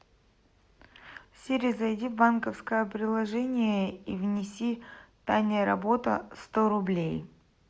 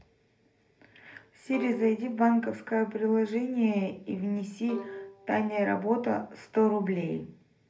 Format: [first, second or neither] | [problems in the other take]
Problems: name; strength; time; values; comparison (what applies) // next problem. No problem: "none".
first | background sound (Bowed string instrument); 18 dB below the speech // room echo; dies away in 0.3 s